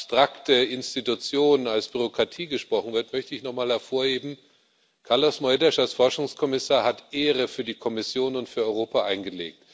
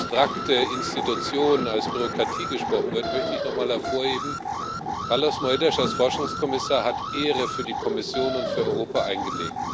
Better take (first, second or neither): first